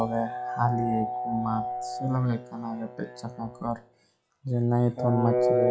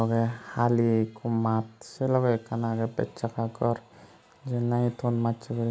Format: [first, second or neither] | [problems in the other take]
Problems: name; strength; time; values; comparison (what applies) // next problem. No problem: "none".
second | noise reduction (classical method log-MMSE)